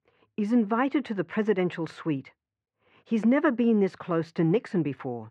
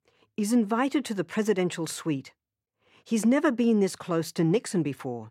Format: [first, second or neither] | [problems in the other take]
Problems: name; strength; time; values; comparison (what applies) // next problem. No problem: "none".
second | muffled; very; fading above 2 kHz